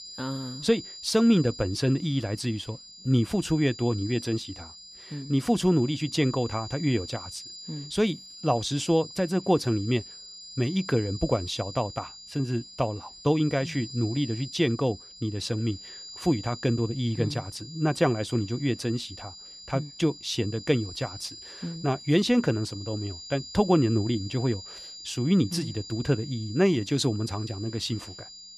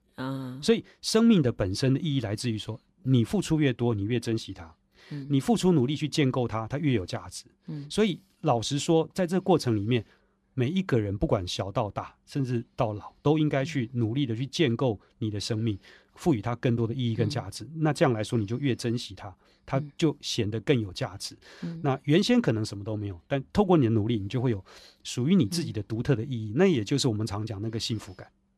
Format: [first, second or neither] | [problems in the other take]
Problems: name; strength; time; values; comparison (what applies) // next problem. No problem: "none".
second | high-pitched whine; noticeable; throughout; 5 kHz, 15 dB below the speech